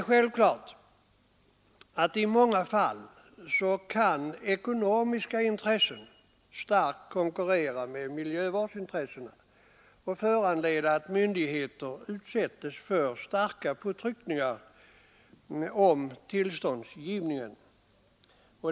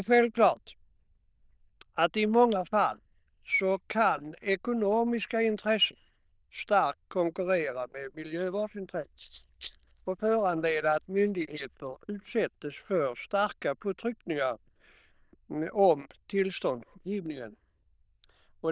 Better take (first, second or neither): first